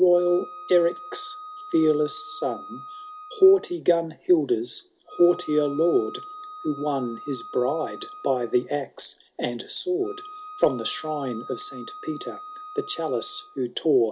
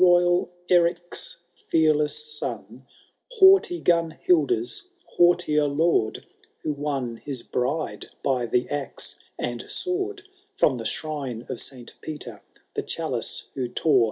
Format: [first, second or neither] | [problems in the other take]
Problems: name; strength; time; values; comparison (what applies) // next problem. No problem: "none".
second | background sound (Wind instrument, woodwind instrument); 16 dB below the speech